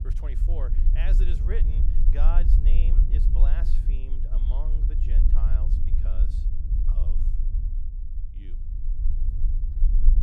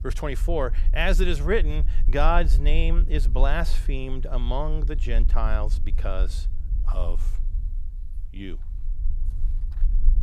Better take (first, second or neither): second